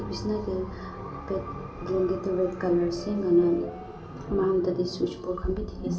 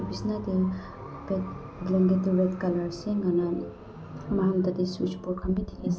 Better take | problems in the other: second | background sound (Brass instrument); 20 dB below the speech // room echo; dies away in 2.4 s

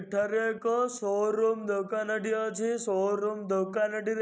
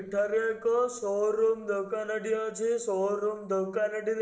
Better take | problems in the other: first | noise reduction (neural separator model SepFormer DNS4)

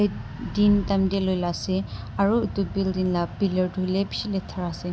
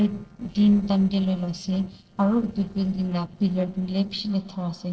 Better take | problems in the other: first | noise reduction (neural separator model SepFormer DNS4)

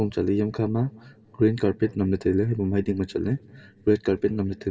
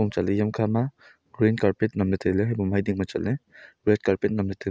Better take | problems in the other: second | room echo; dies away in 2.5 s

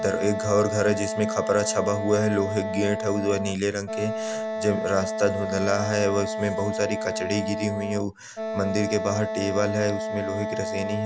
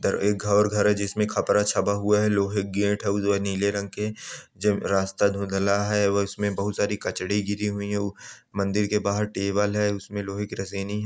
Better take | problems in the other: second | background sound (Wind instrument, woodwind instrument); 4 dB below the speech

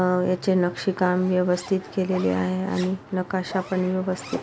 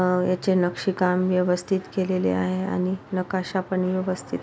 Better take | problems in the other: second | background sound (Zipper (clothing)); 19 dB below the speech

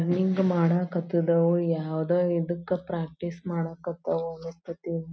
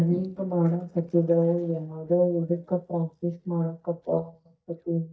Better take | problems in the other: first | noise reduction (neural mask model DeepFilterNet 3)

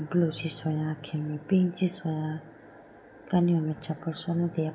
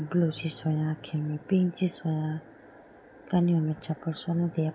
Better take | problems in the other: second | room echo; dies away in 0.5 s

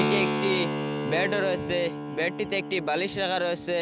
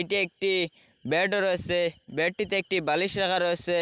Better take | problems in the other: second | background sound (Keyboard (musical)); 2 dB below the speech

